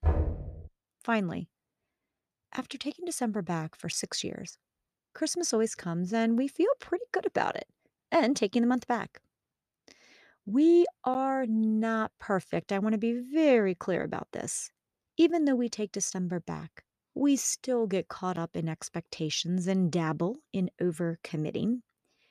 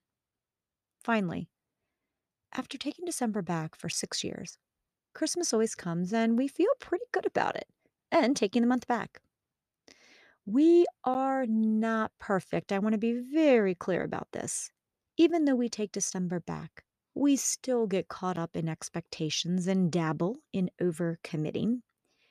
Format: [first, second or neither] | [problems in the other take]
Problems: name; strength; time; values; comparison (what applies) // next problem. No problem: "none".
second | door banging; loud; at the start; peak level with the speech